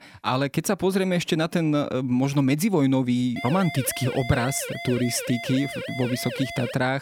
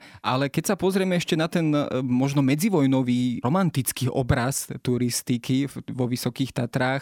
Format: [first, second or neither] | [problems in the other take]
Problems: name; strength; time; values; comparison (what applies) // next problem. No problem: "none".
second | siren; noticeable; from 3.5 s on; peak 8 dB below the speech